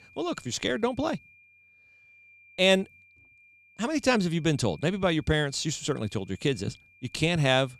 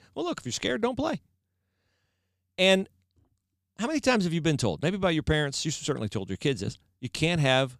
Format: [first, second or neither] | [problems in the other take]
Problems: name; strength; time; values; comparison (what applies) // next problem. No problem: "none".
second | high-pitched whine; faint; throughout; 2.5 kHz, 25 dB below the speech